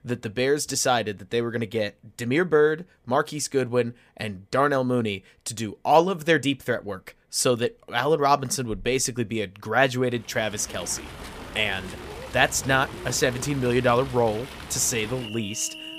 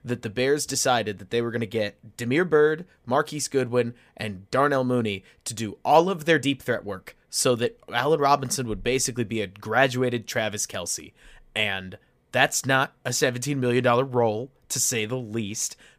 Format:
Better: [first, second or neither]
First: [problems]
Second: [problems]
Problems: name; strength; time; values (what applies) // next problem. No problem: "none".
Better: second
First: animal sounds; noticeable; from 10 s on; 15 dB below the speech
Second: none